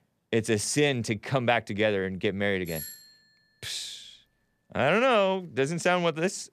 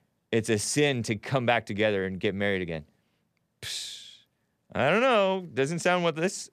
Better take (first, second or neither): second